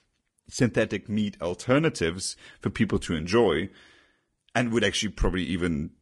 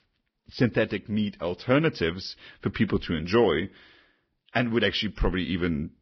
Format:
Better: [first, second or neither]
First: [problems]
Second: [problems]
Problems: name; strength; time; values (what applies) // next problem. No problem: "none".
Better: first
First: garbled, watery; slightly; nothing above 10 kHz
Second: garbled, watery; badly; nothing above 5.5 kHz